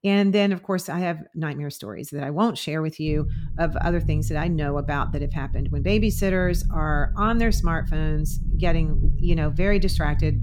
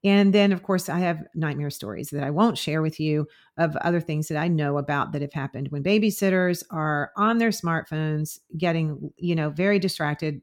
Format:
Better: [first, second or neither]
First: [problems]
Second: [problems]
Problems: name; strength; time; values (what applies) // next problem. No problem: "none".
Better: second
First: low rumble; noticeable; from 3 s on; 15 dB below the speech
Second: none